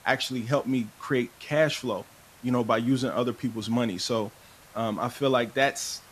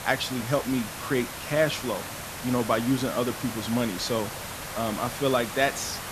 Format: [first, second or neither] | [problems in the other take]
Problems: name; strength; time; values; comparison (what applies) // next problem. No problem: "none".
first | hiss; loud; throughout; 7 dB below the speech; faint in the first